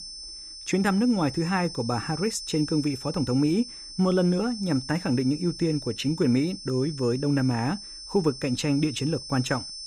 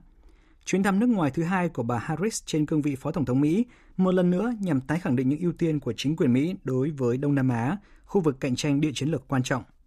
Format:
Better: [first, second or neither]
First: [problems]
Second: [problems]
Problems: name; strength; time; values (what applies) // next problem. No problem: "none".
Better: second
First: high-pitched whine; noticeable; throughout; 5.5 kHz, 10 dB below the speech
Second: none